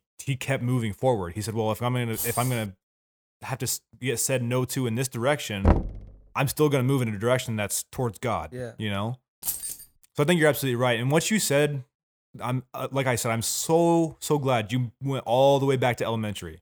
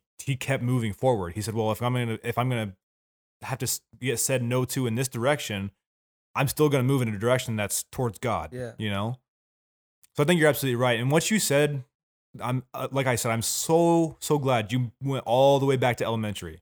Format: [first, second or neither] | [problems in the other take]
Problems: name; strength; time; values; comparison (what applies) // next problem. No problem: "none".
second | jangling keys; noticeable; at 2 s and at 9.5 s; peak 3 dB below the speech // door banging; loud; at 5.5 s; peak 2 dB above the speech